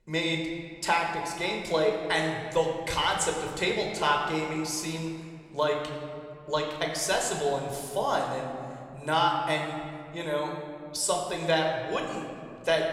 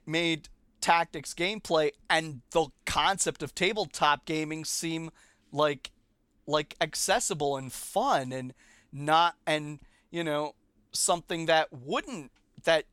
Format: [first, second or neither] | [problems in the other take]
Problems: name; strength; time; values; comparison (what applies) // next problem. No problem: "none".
second | room echo; noticeable; dies away in 1.9 s